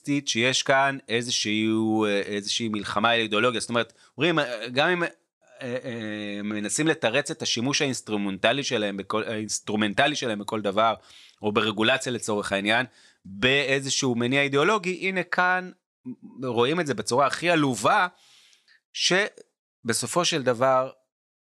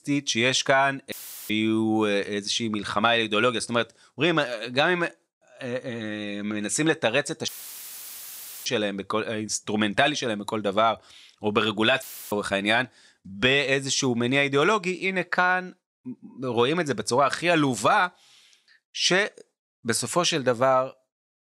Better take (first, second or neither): first